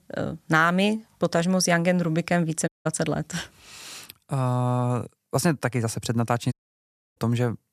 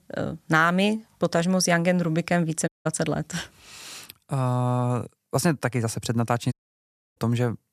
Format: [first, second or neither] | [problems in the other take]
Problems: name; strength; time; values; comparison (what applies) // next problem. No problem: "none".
neither | audio cutting out; at 2.5 s and at 6.5 s for 0.5 s; the same in both